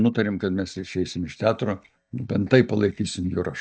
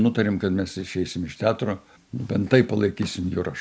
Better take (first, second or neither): second